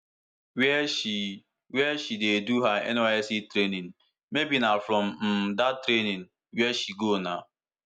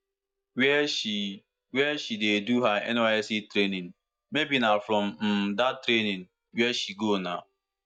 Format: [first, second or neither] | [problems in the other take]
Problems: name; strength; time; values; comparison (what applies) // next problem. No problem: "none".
first | noise reduction (neural mask model DeepFilterNet 3)